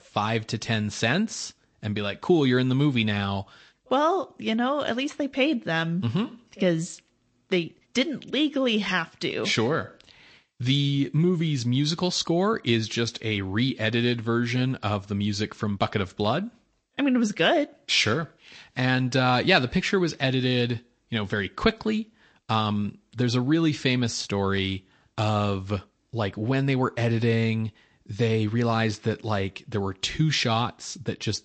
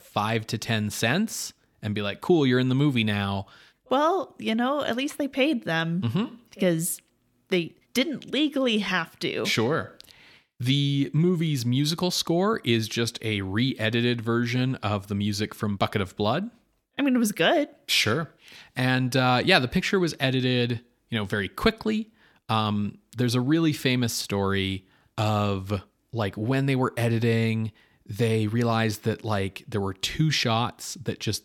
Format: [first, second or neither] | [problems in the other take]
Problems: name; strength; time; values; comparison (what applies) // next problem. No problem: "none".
second | garbled, watery; slightly; nothing above 8 kHz